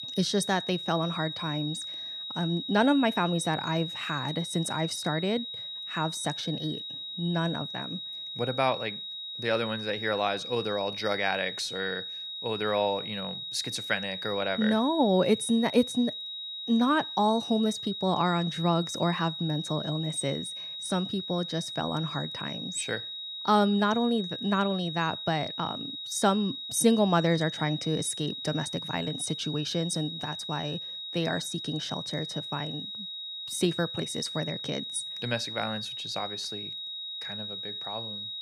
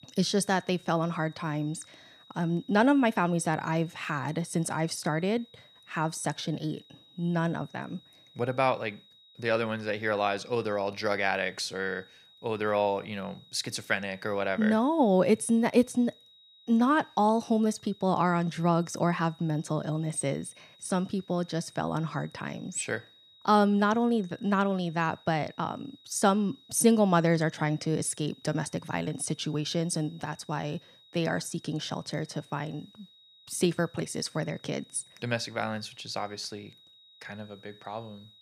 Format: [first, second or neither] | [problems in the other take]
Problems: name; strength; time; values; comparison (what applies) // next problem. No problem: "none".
second | high-pitched whine; loud; throughout; 4 kHz, 6 dB below the speech; faint in the second